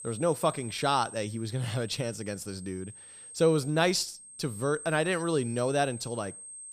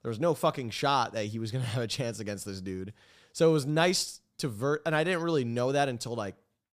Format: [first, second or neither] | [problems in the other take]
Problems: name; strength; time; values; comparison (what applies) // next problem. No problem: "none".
second | high-pitched whine; noticeable; throughout; 8.5 kHz, 15 dB below the speech